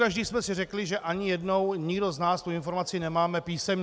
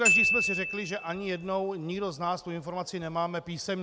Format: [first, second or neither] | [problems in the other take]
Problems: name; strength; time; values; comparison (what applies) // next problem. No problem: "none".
first | background sound (Glockenspiel); 1 dB above the speech